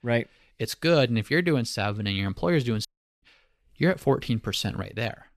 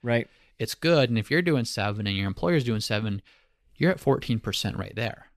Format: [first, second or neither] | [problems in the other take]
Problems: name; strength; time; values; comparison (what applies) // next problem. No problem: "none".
second | audio cutting out; at 3 s